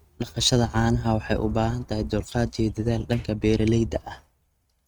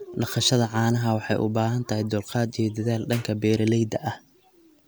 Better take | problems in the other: second | noise reduction (neural mask model RNNoise)

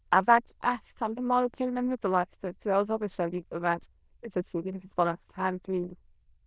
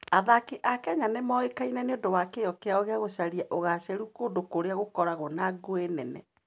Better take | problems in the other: second | noise reduction (neural diffusion model UNIVERSE++)

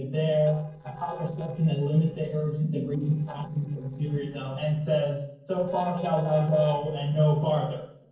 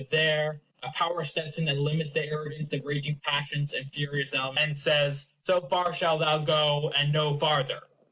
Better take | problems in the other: second | noise reduction (neural separator model SepFormer DNS4)

